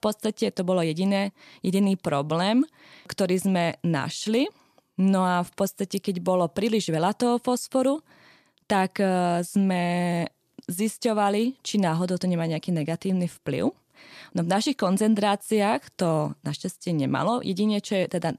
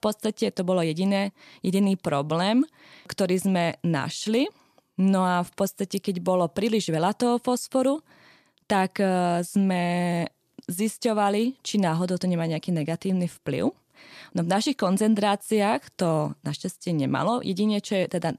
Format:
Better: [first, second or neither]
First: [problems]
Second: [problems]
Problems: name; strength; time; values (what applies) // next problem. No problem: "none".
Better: neither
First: none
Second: none